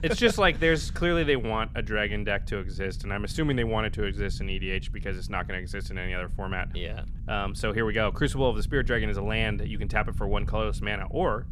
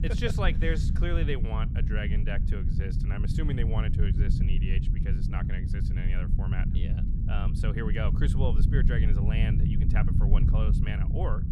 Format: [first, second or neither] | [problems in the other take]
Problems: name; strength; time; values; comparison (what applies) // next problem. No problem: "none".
first | low rumble; loud; throughout; 4 dB below the speech; faint in the first